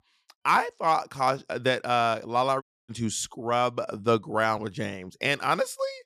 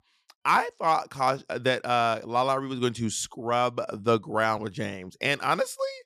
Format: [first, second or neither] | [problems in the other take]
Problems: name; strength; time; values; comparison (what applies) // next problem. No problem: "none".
second | audio cutting out; at 2.5 s